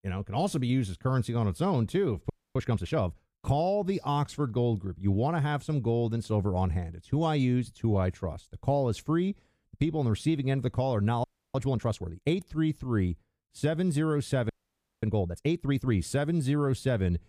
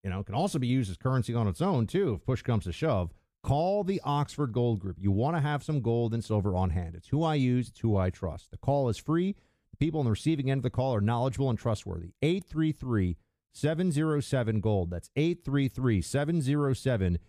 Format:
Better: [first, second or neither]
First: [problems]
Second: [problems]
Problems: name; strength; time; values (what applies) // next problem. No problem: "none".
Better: second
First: audio freezing; at 2.5 s, at 11 s and at 14 s for 0.5 s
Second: none